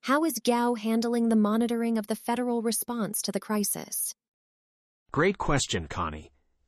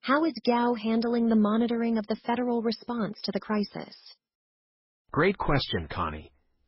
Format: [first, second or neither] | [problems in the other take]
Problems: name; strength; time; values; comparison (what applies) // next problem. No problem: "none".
first | garbled, watery; badly; nothing above 5.5 kHz